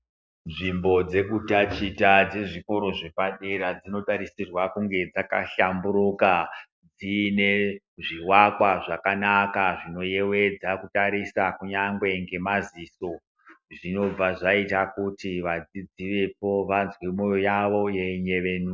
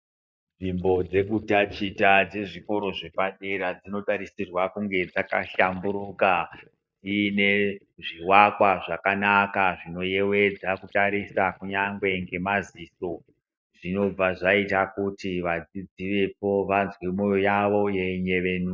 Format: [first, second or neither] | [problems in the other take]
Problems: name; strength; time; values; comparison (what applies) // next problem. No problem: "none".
first | noise reduction (neural mask model DeepFilterNet 3)